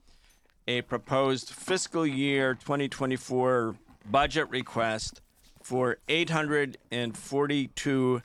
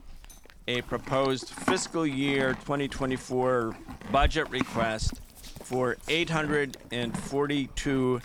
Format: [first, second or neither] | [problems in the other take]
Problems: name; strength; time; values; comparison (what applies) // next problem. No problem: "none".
first | animal sounds; loud; throughout; 9 dB below the speech; faint in the first